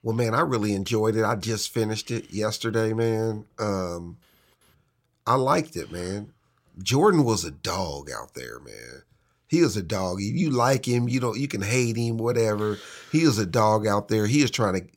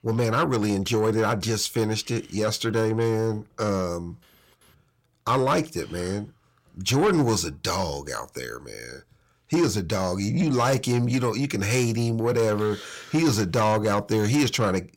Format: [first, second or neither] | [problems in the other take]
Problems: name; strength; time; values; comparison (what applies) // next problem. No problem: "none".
first | distortion; slight; 10 dB below the speech